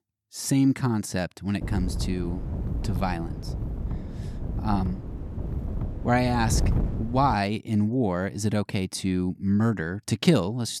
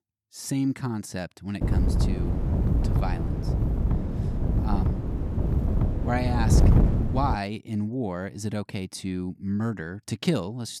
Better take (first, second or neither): first